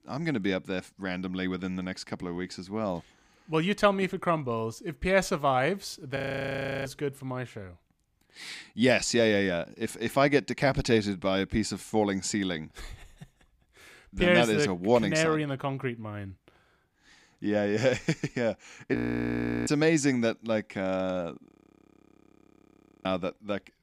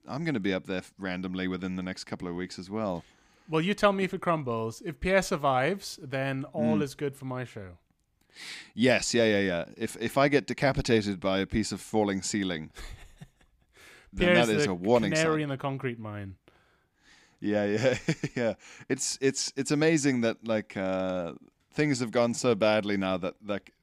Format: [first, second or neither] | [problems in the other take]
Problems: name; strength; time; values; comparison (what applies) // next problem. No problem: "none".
second | audio freezing; at 6 s for 0.5 s, at 19 s for 0.5 s and at 21 s for 1.5 s